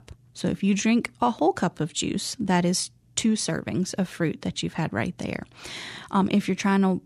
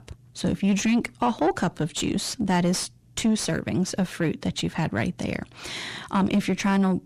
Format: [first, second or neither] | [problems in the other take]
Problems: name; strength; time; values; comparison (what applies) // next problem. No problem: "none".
first | distortion; slight; 10 dB below the speech